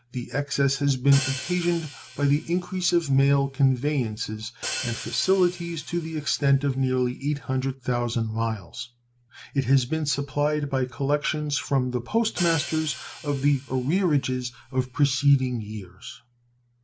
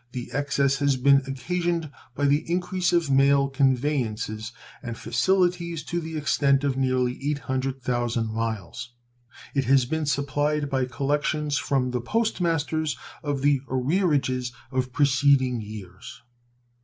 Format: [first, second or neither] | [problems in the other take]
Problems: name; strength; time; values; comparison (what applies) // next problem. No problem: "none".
second | background sound (Hi-hat); 14 dB below the speech